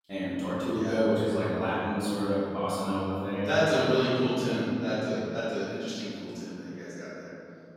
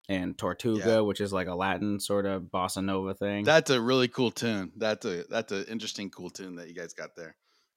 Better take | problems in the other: second | off-mic speech; far // room echo; strong; dies away in 3 s

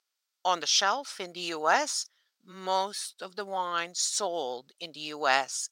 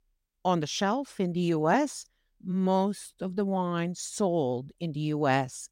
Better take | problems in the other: second | thin; very; fading below 750 Hz

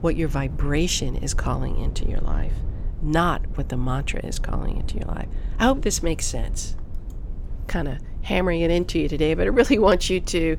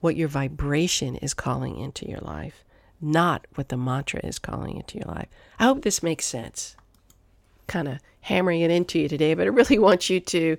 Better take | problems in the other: second | low rumble; faint; throughout; 25 dB below the speech

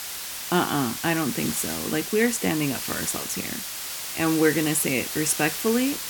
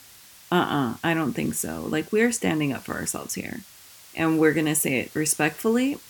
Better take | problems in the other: second | hiss; loud; throughout; 5 dB below the speech; faint in the second

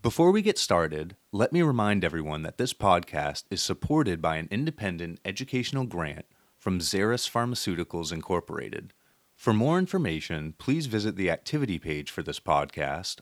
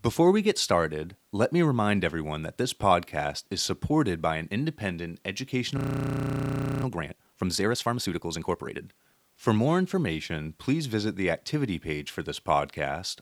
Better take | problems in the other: first | audio freezing; at 6 s for 1 s

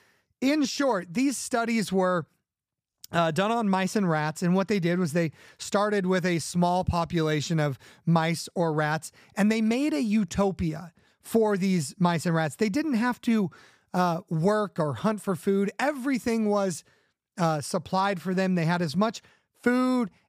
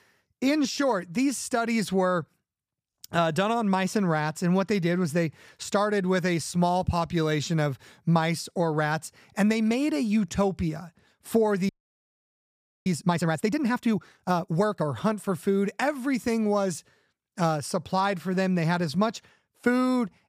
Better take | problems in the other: first | audio freezing; at 12 s for 1 s

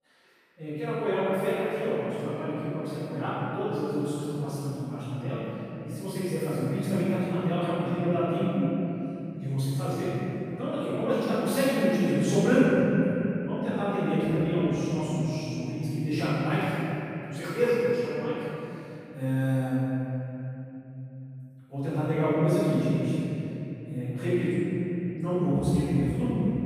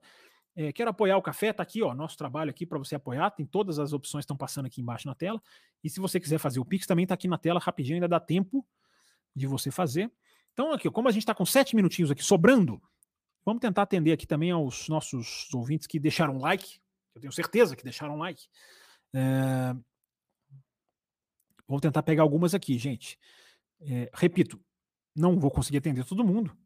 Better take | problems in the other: second | off-mic speech; far // room echo; strong; dies away in 3 s

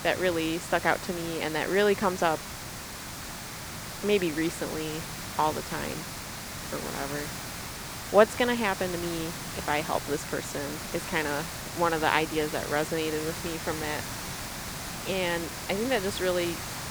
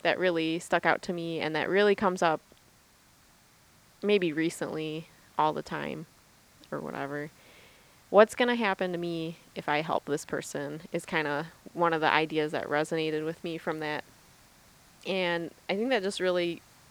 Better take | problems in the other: second | hiss; loud; throughout; 7 dB below the speech; faint in the second

